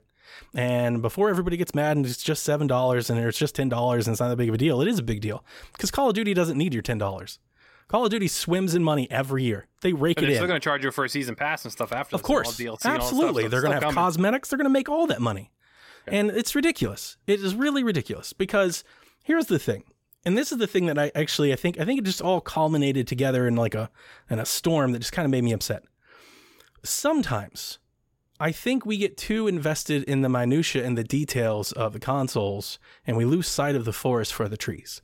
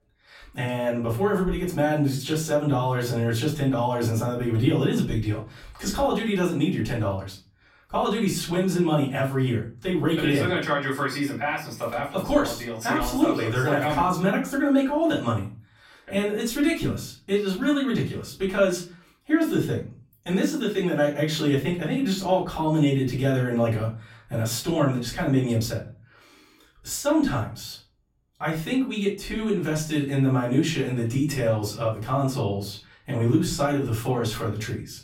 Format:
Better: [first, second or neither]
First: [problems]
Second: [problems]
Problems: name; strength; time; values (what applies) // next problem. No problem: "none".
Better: first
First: none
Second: off-mic speech; far // room echo; slight; dies away in 0.3 s